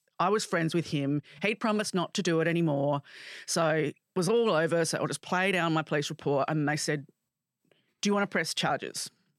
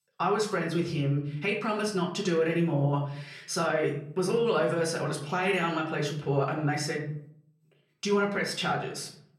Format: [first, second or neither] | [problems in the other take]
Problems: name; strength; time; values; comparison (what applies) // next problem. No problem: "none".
first | off-mic speech; somewhat distant // room echo; slight; dies away in 0.5 s